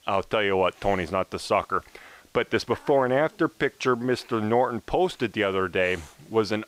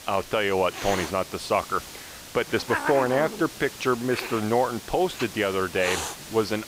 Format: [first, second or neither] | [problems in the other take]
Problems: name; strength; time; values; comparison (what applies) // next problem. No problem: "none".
first | hiss; loud; throughout; 8 dB below the speech; faint in the first